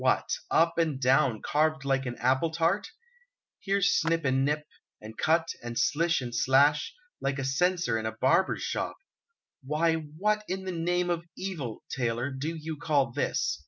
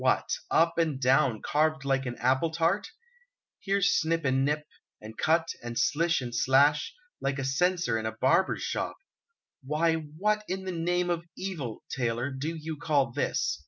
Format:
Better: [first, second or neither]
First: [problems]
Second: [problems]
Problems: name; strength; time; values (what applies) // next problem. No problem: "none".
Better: second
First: background sound (Clapping); 16 dB below the speech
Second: none